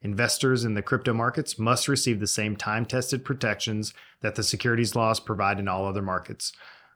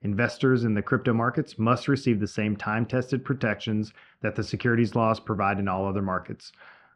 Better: first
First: none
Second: muffled; slightly; fading above 2.5 kHz

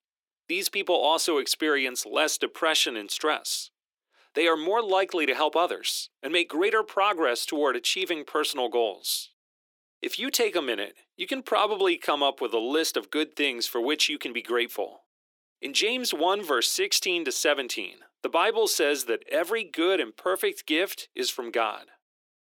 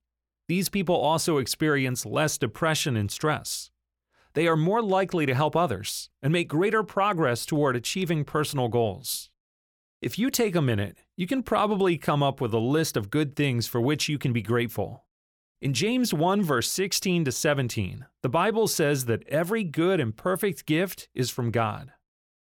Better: second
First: thin; somewhat; fading below 300 Hz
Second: none

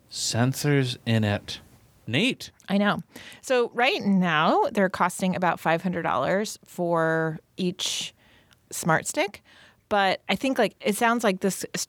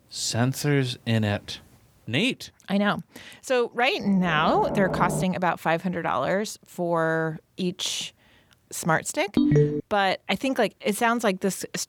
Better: first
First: none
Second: door banging; noticeable; from 4 to 5 s; peak 3 dB below the speech // phone ringing; loud; at 9.5 s; peak 5 dB above the speech

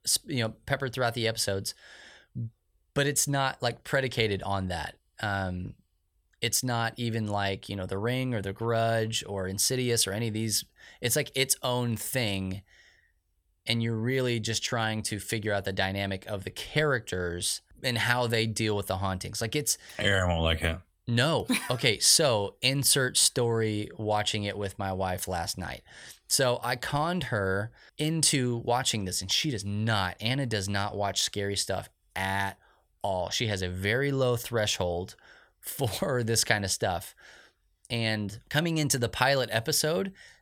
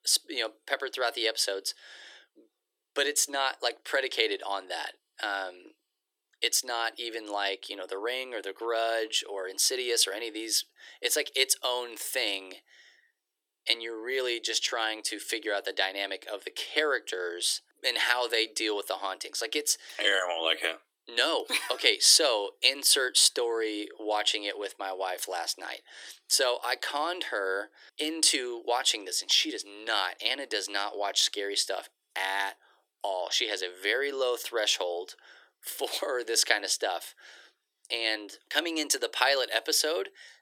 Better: first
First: none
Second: thin; very; fading below 300 Hz

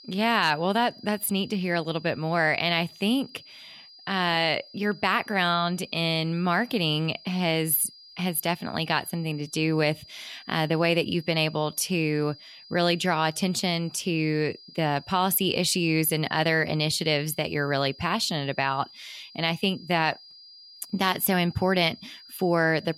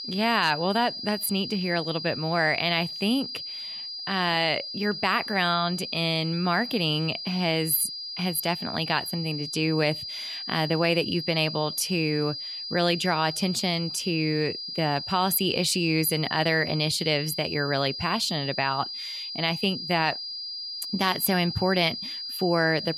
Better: first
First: high-pitched whine; faint; throughout; 5 kHz, 20 dB below the speech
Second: high-pitched whine; loud; throughout; 5 kHz, 7 dB below the speech

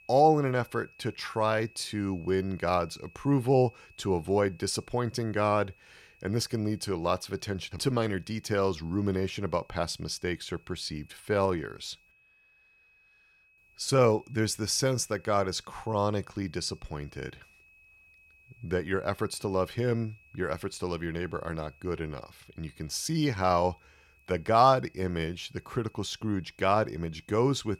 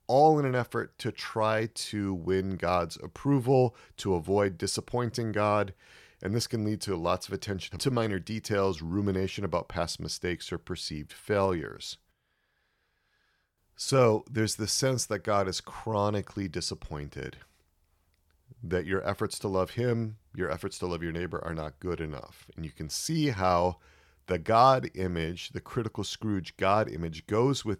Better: second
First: high-pitched whine; faint; throughout; 2.5 kHz, 30 dB below the speech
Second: none

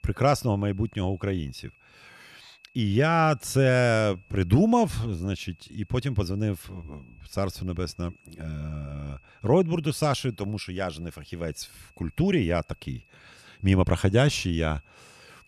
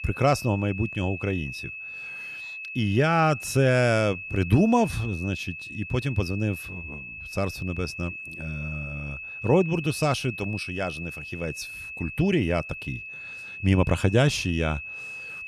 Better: first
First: high-pitched whine; faint; throughout; 2.5 kHz, 30 dB below the speech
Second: high-pitched whine; loud; throughout; 2.5 kHz, 10 dB below the speech

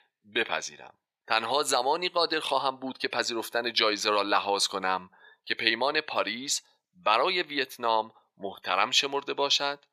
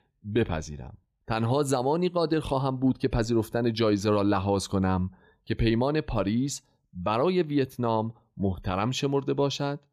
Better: second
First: thin; very; fading below 700 Hz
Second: none

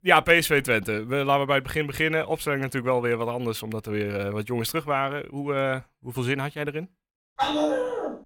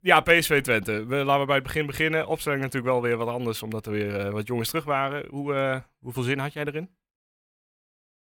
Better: second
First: dog barking; loud; at 7.5 s; peak 1 dB above the speech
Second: none

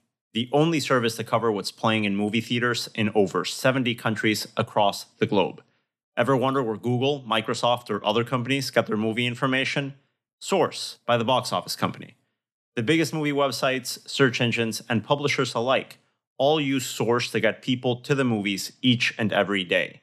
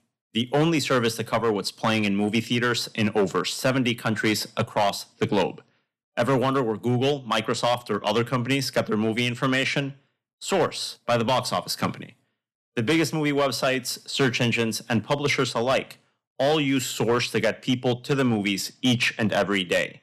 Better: first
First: none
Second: distortion; slight; 5% of the sound clipped

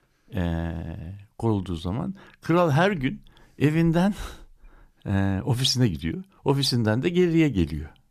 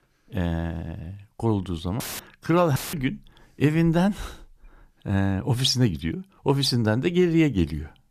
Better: first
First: none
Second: audio cutting out; filled with static; at 2 s and at 3 s

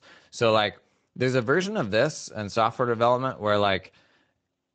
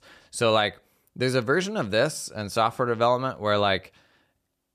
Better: second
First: garbled, watery; slightly; nothing above 8 kHz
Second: none

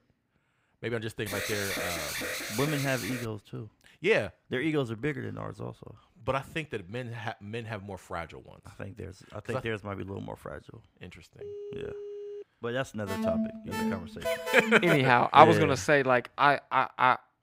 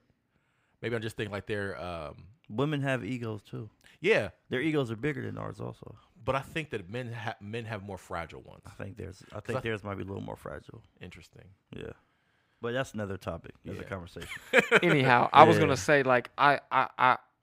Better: second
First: alarm; noticeable; from 1.5 to 3.5 s and from 13 to 15 s; peak 3 dB below the speech // phone ringing; faint; from 11 to 12 s; peak 15 dB below the speech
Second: none

